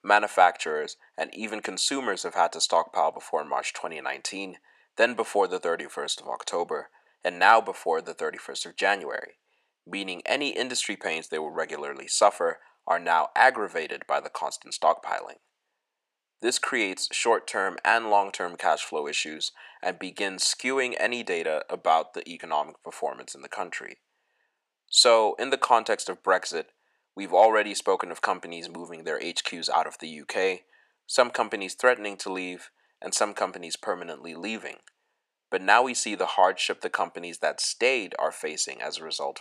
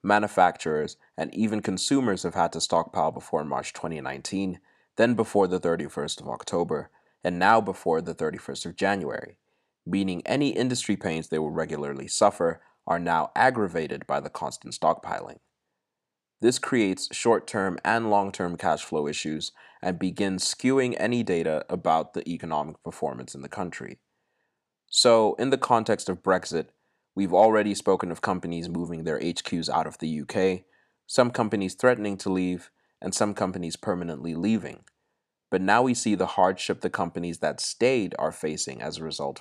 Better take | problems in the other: second | thin; somewhat; fading below 550 Hz

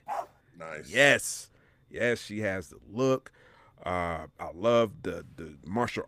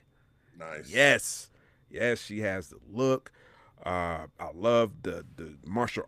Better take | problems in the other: second | dog barking; noticeable; at the start; peak 9 dB below the speech

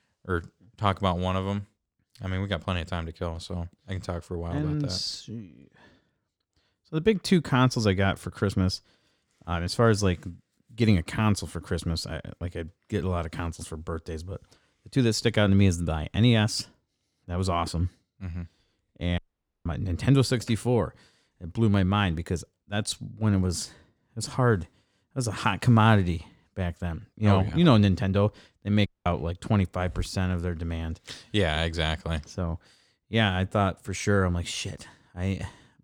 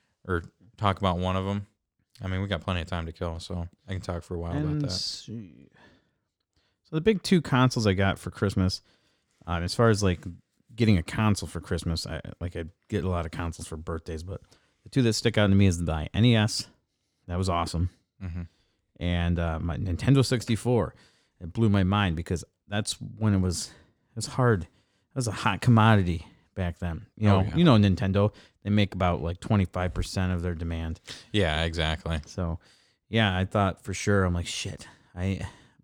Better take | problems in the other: second | audio cutting out; at 19 s and at 29 s

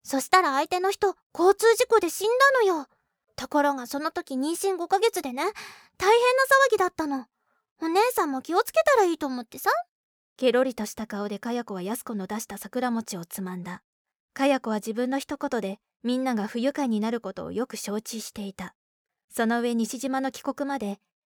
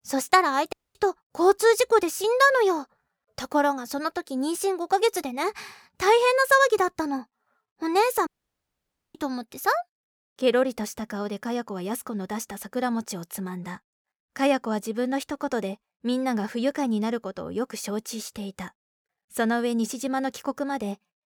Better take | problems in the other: first | audio cutting out; at 0.5 s and at 8.5 s for 1 s

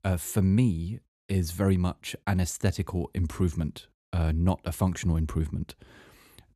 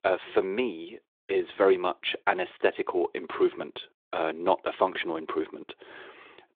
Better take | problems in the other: first | phone-call audio; nothing above 3.5 kHz

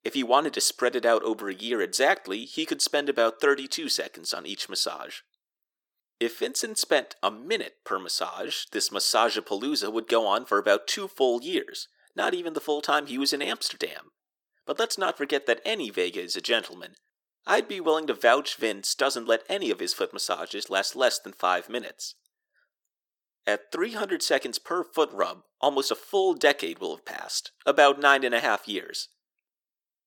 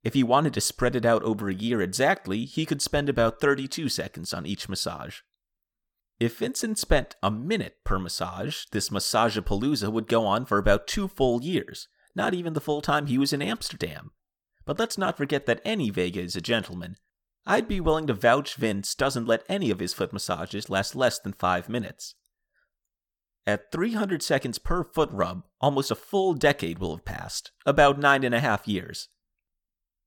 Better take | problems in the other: second | thin; somewhat; fading below 350 Hz

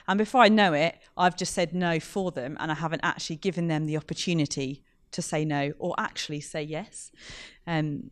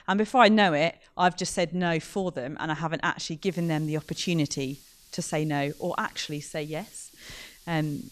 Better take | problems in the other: first | hiss; faint; from 3.5 s on; 25 dB below the speech

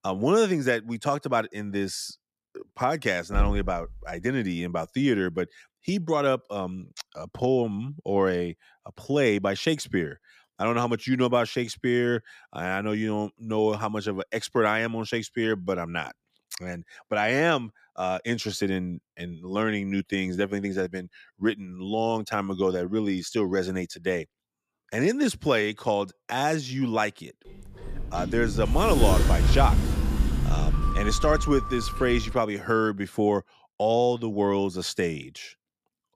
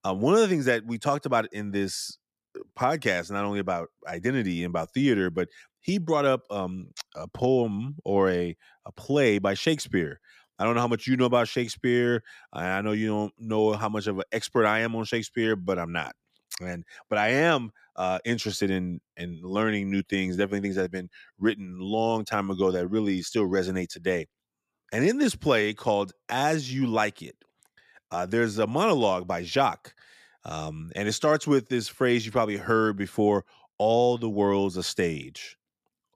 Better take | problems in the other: second | door banging; noticeable; at 3.5 s; peak 2 dB below the speech // door banging; loud; from 28 to 32 s; peak 4 dB above the speech

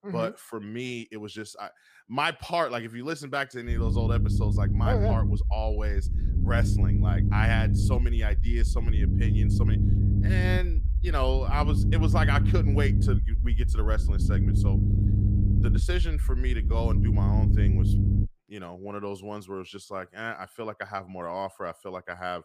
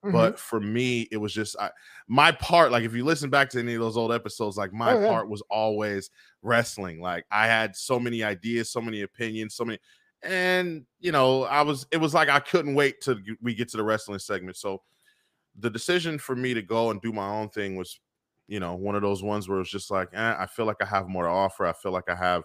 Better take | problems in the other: second | low rumble; loud; from 3.5 to 18 s; 5 dB below the speech

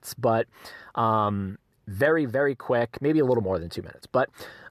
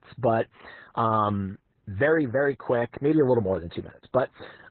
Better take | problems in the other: first | garbled, watery; badly; nothing above 4 kHz

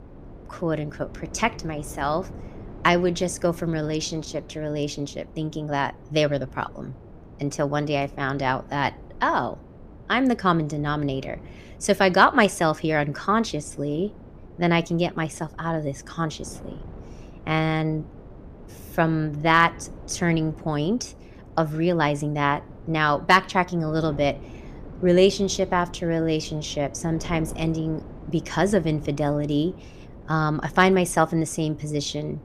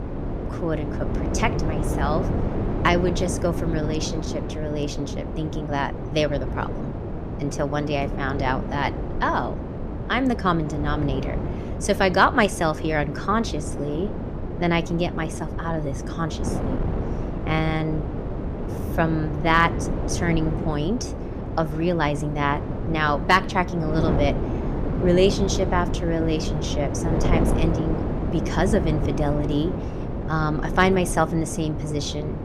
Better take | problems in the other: first | wind noise on the microphone; heavy; 8 dB below the speech; occasional gusts in the first

